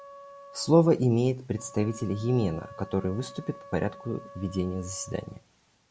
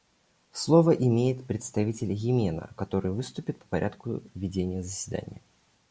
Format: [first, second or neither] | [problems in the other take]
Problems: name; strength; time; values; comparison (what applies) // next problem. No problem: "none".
second | background sound (Wind instrument, woodwind instrument); 20 dB below the speech